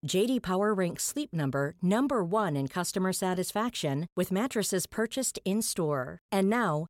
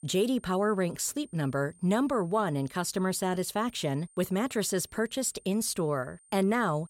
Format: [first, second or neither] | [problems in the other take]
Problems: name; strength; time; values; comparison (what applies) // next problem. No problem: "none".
first | high-pitched whine; faint; throughout; 8.5 kHz, 30 dB below the speech